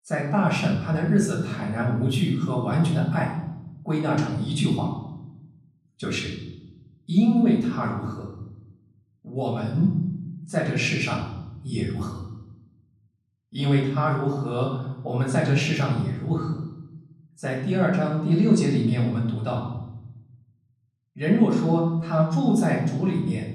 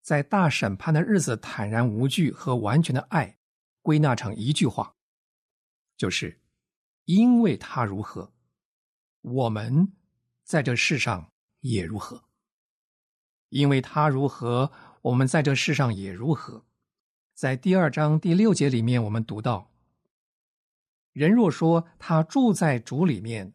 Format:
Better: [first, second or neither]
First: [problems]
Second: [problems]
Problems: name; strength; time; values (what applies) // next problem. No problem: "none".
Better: second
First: off-mic speech; far // room echo; noticeable; dies away in 1 s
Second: none